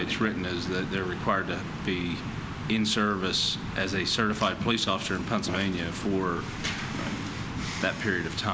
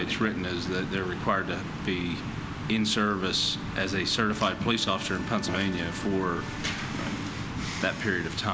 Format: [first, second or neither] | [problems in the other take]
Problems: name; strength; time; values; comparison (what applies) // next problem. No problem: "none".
first | background sound (Wind instrument, woodwind instrument); 18 dB below the speech